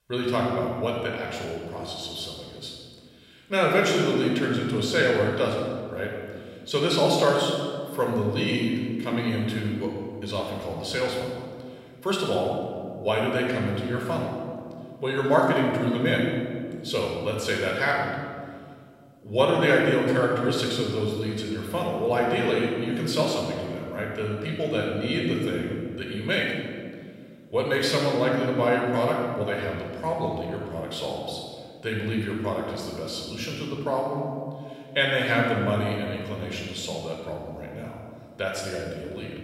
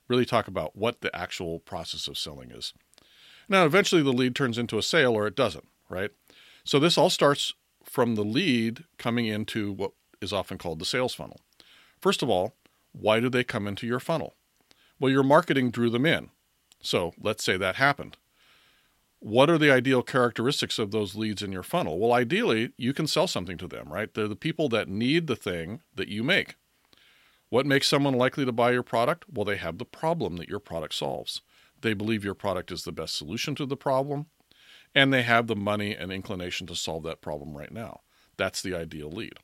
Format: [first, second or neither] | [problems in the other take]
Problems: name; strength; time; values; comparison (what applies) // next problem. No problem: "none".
second | off-mic speech; somewhat distant // room echo; noticeable; dies away in 1.8 s